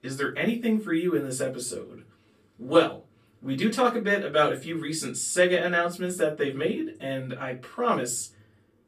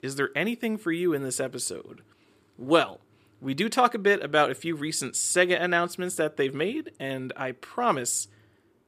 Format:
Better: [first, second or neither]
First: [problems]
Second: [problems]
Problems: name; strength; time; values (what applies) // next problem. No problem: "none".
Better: second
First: off-mic speech; far // room echo; very slight; dies away in 0.2 s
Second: none